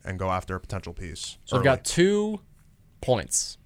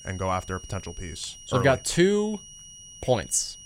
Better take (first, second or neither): first